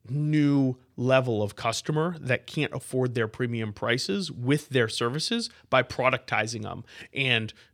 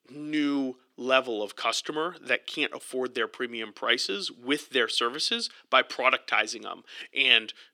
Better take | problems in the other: first | thin; somewhat; fading below 300 Hz

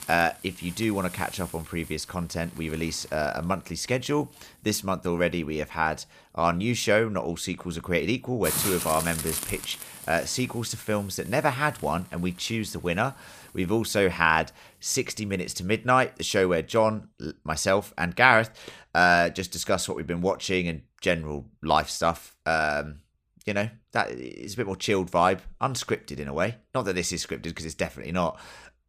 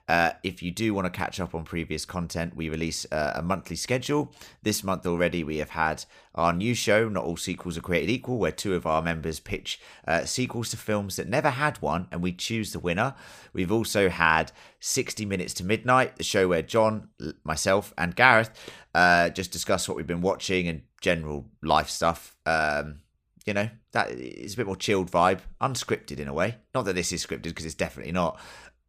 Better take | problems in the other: second | hiss; loud; until 17 s; 8 dB below the speech

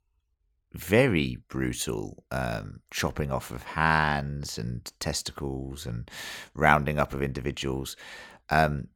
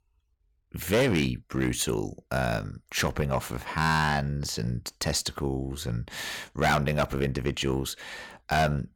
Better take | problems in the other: first | distortion; heavy; 6% of the sound clipped

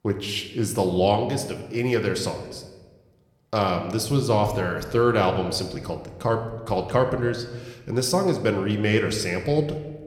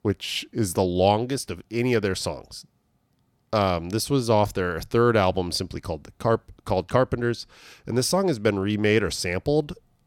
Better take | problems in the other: second | room echo; slight; dies away in 0.9 s

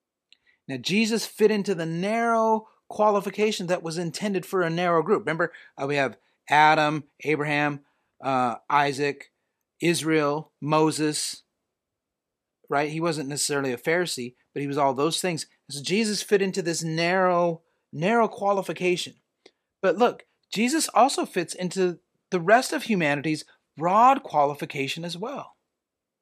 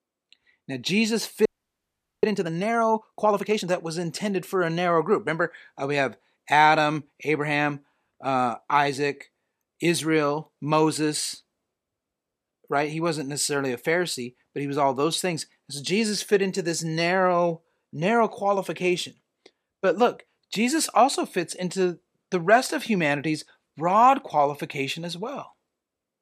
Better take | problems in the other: first | audio freezing; at 1.5 s for 1 s

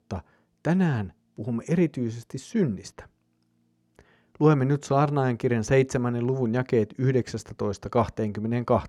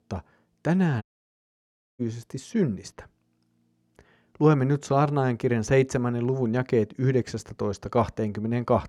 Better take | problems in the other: first | audio cutting out; at 1 s for 1 s

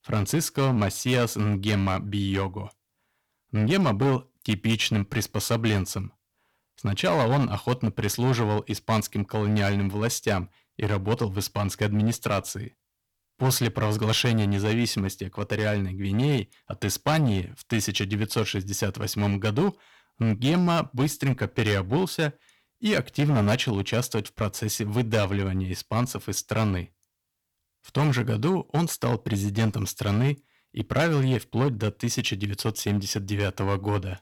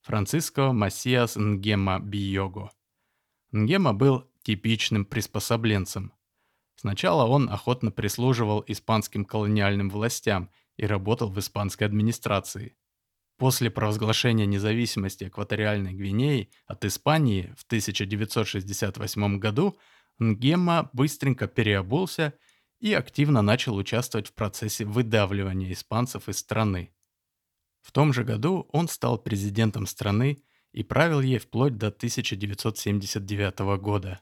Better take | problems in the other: second | distortion; slight; 7% of the sound clipped

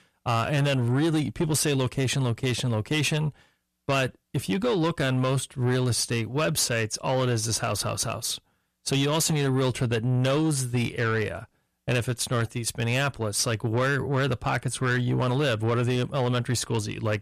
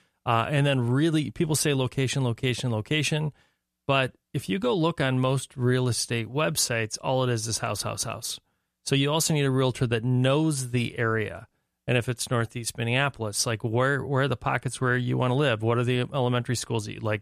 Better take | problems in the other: second | distortion; slight; 10 dB below the speech

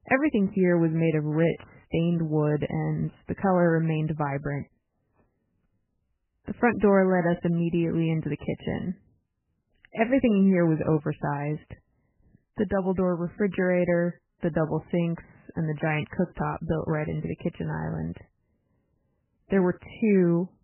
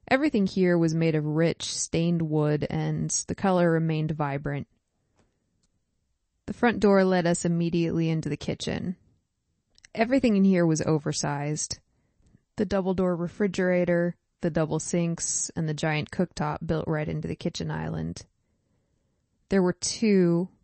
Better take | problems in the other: second | garbled, watery; badly; nothing above 3 kHz; slightly in the second

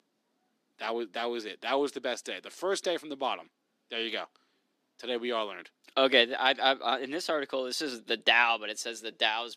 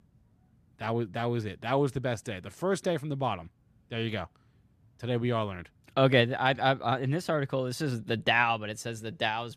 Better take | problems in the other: second | thin; somewhat; fading below 250 Hz

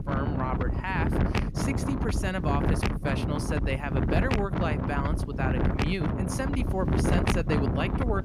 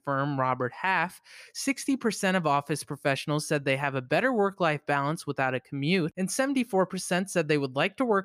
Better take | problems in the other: second | wind noise on the microphone; heavy; as loud as the speech

